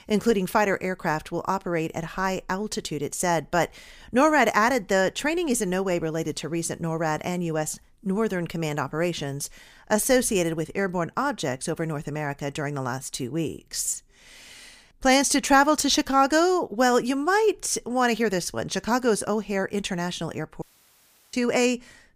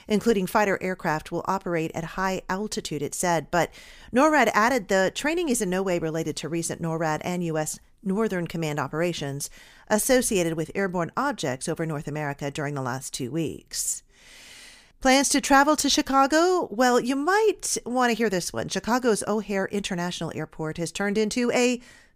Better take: second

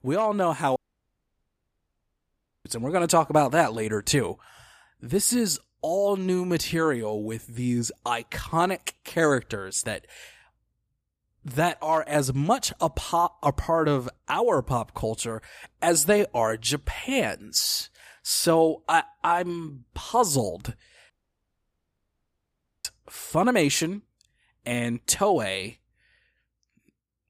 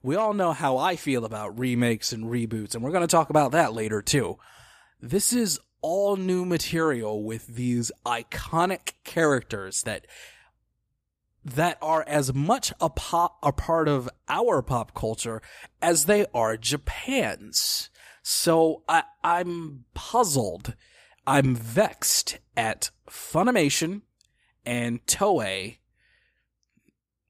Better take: second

